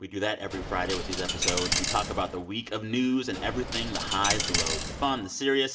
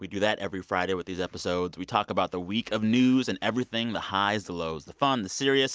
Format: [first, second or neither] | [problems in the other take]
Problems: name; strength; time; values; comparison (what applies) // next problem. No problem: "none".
second | background sound (Coin (dropping)); 1 dB below the speech // room echo; dies away in 0.7 s